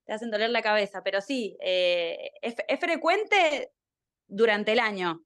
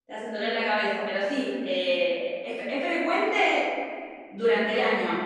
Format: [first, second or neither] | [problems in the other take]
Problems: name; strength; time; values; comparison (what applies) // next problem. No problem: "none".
first | off-mic speech; far // room echo; strong; dies away in 2.2 s